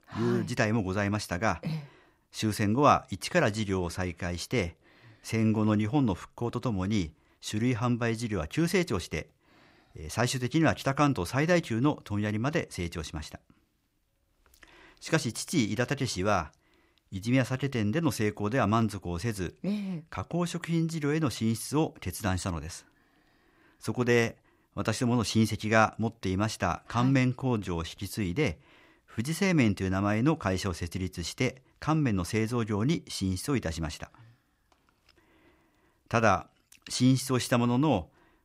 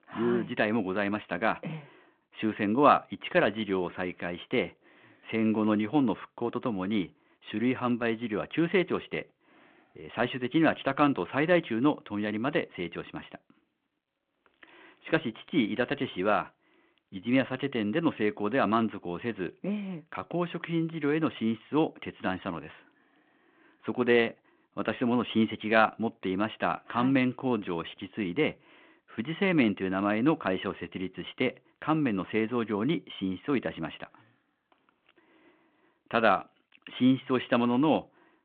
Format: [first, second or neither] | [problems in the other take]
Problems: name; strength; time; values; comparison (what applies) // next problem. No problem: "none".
first | phone-call audio